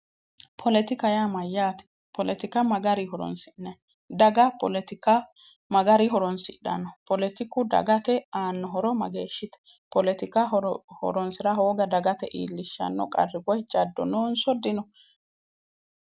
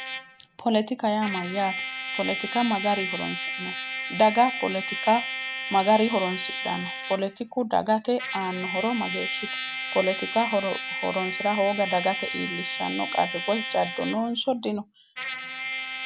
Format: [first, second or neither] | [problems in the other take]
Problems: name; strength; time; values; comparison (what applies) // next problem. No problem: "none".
first | background sound (Trumpet); 6 dB below the speech